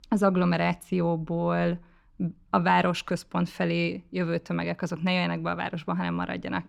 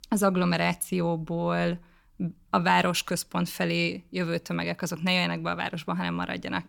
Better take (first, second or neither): second